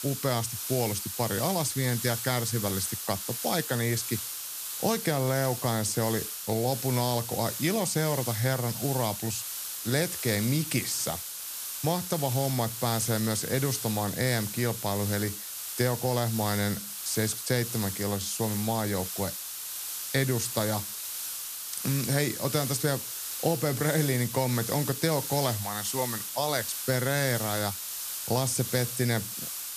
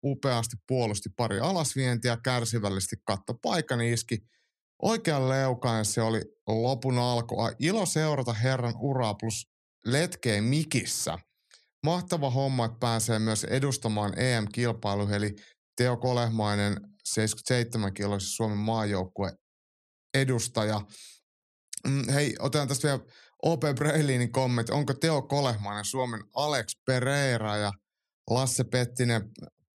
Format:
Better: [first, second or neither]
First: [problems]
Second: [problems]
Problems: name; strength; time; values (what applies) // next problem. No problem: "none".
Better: second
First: hiss; loud; throughout; 4 dB below the speech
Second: none